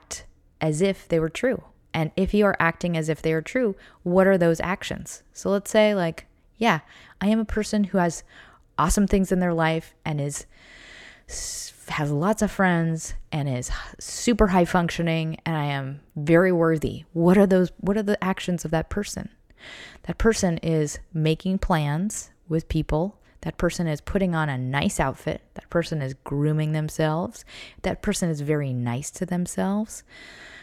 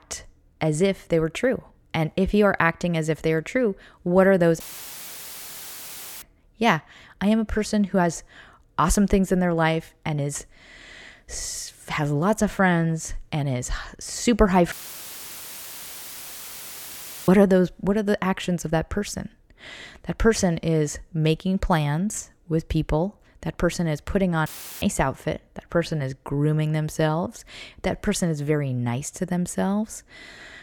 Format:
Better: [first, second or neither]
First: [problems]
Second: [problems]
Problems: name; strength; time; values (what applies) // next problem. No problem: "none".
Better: first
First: none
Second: audio cutting out; filled with static; at 4.5 s for 1.5 s, at 15 s for 2.5 s and at 24 s